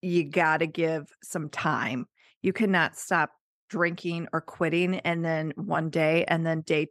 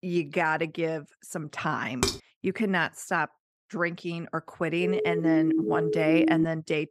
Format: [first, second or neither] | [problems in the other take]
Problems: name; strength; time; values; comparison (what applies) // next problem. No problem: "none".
first | clattering dishes; loud; at 2 s; peak level with the speech // siren; loud; from 5 s on; peak 6 dB above the speech